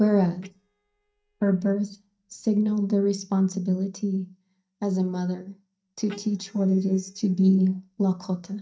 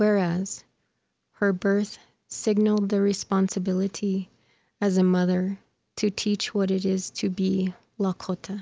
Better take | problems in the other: second | noise reduction (neural mask model DeepFilterNet 3)

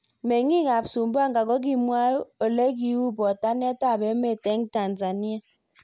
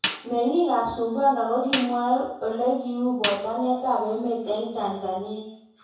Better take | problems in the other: first | background sound (Snare drum); 11 dB below the speech // room echo; dies away in 0.7 s

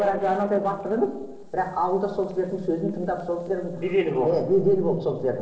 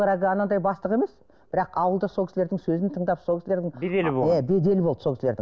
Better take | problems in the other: second | noise reduction (neural separator model SepFormer DNS4)

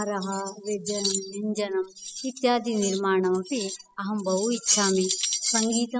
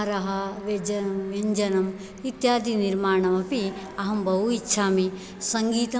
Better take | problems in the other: second | noise reduction (classical method spectral subtraction)

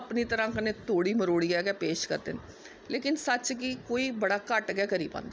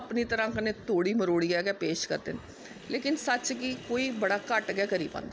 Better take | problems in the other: first | background sound (Sink (filling or washing)); 19 dB below the speech

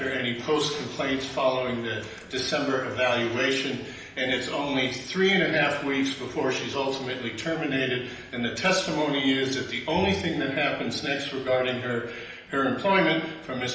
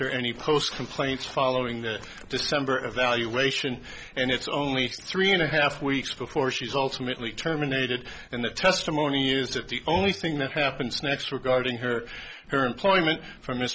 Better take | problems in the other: second | room echo; dies away in 0.9 s

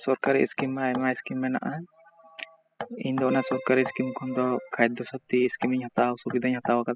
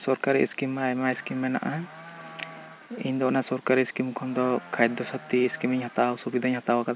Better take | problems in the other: second | noise reduction (classical method spectral subtraction)

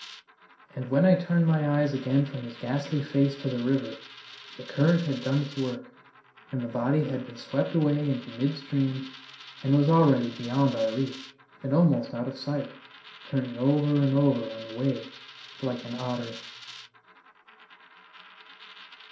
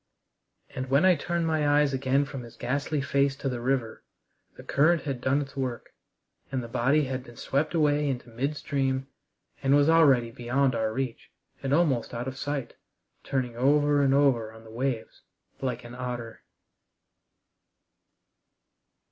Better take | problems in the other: second | background sound (Coin (dropping)); 19 dB below the speech // room echo; dies away in 0.5 s

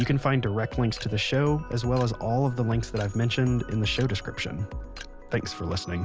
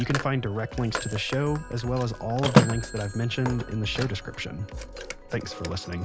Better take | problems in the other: first | background sound (Telephone); 2 dB below the speech

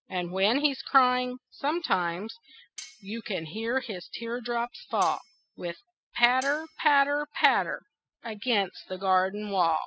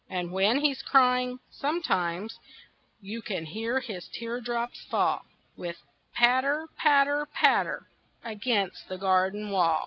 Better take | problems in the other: second | noise reduction (classical method spectral subtraction)

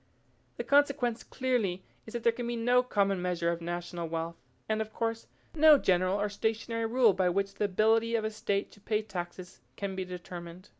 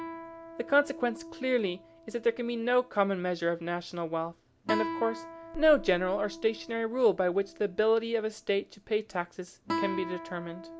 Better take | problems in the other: first | background sound (Guitar); 11 dB below the speech

